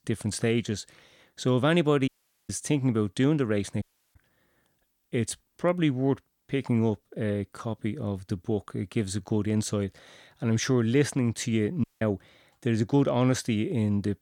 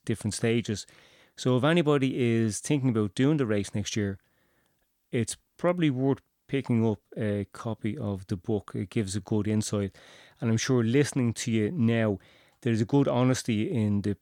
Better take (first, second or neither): second